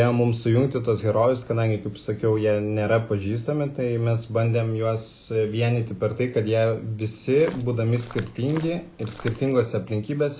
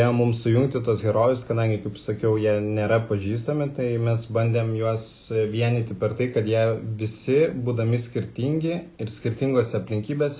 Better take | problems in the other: second | background sound (Walk, footsteps); 17 dB below the speech

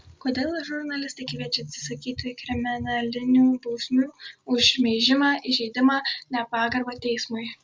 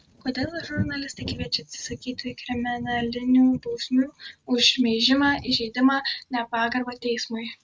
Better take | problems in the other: first | noise reduction (neural mask model RNNoise)

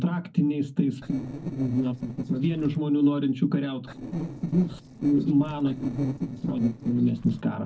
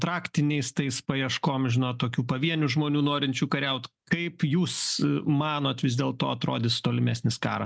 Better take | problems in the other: second | noise reduction (neural separator model SepFormer DNS4)

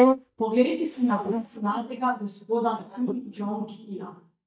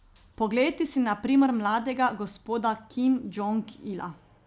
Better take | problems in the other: second | noise reduction (neural mask model DeepFilterNet 3)

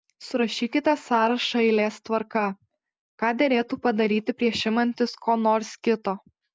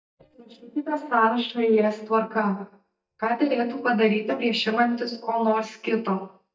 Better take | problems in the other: first | noise reduction (neural mask model DeepFilterNet 3)

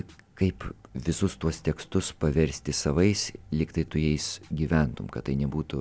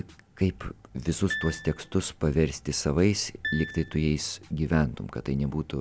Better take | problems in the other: first | background sound (Piano); 10 dB below the speech

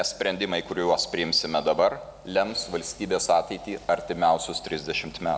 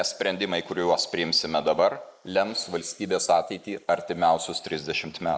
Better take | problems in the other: first | noise reduction (neural mask model Resemble Enhance denoiser)

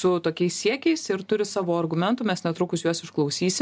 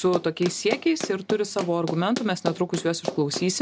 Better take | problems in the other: first | background sound (Run); 9 dB below the speech

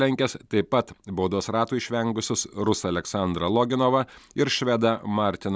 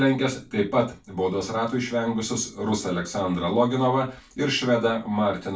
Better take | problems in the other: first | room echo; dies away in 0.2 s

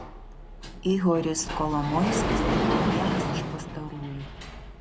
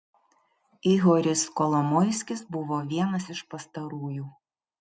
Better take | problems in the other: second | background sound (Sliding door); as loud as the speech

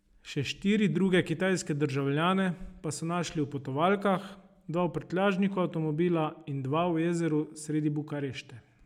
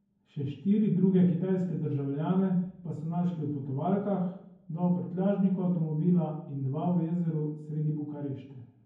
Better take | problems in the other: first | room echo; dies away in 0.9 s

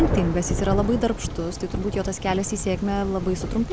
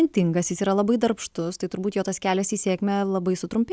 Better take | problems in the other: second | background sound (Thunder); 3 dB below the speech

